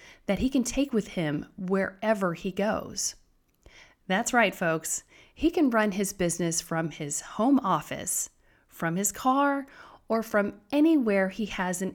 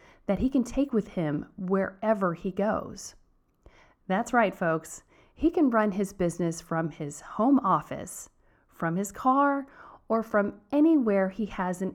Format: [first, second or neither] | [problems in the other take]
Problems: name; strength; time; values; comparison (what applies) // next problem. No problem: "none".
first | muffled; slightly; fading above 1.5 kHz